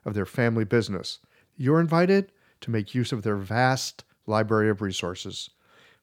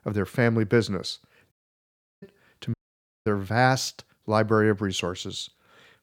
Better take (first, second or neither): first